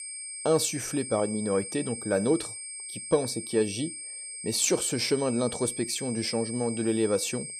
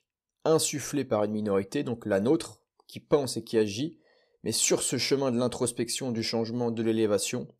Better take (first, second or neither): second